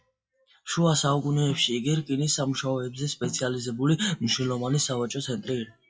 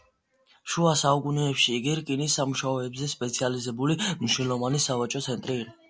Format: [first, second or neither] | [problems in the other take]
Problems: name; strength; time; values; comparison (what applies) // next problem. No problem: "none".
second | noise reduction (classical method WPE with log-MMSE)